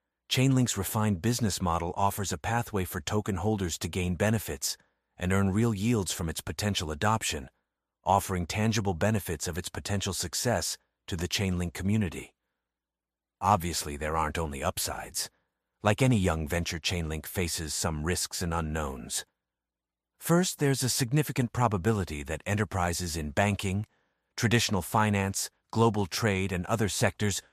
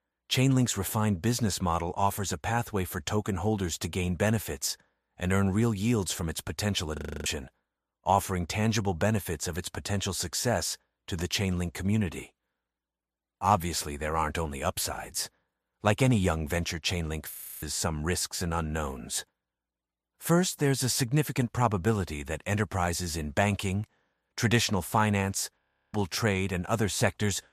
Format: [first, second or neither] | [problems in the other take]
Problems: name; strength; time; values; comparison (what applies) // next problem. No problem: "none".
first | audio freezing; at 7 s, at 17 s and at 26 s